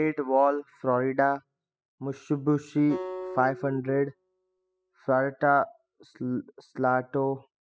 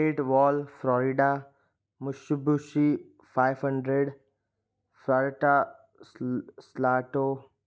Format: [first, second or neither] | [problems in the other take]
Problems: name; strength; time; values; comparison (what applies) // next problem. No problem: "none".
second | noise reduction (classical method spectral subtraction)